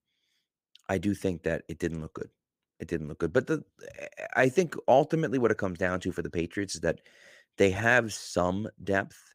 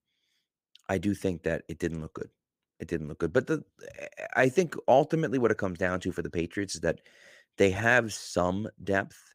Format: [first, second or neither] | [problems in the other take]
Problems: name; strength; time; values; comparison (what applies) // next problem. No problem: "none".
neither | none